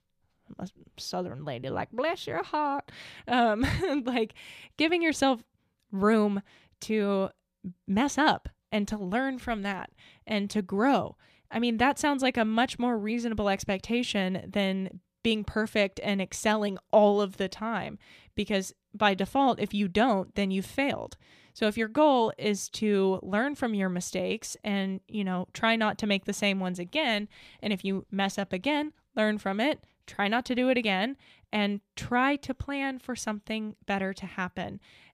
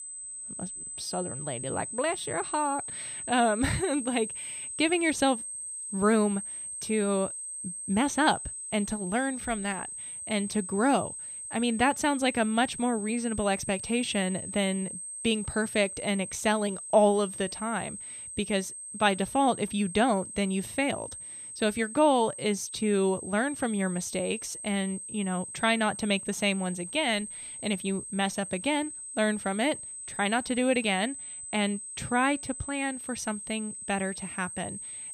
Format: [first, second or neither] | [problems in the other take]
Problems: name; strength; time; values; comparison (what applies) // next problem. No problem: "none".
first | high-pitched whine; loud; throughout; 8.5 kHz, 8 dB below the speech